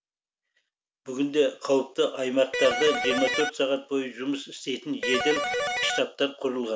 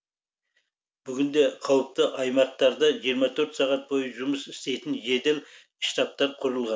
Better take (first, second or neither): second